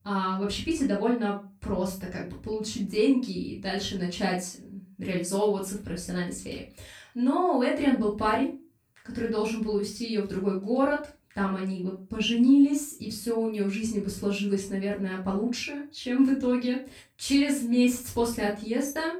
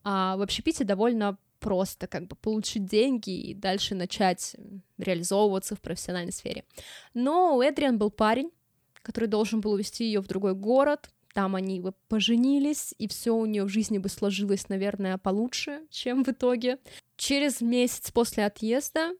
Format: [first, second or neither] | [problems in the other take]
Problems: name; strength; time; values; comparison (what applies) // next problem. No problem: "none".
second | off-mic speech; far // room echo; slight; dies away in 0.3 s